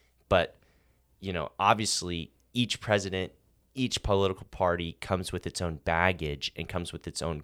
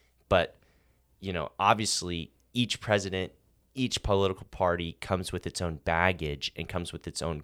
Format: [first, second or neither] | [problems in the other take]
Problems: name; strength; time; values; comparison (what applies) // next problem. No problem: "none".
neither | none